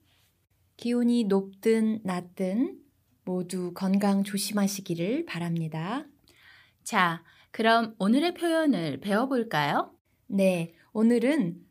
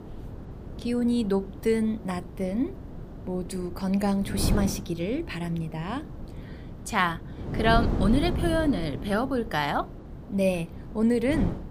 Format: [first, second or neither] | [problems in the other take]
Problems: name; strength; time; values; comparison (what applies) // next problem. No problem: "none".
first | wind noise on the microphone; occasional gusts; 10 dB below the speech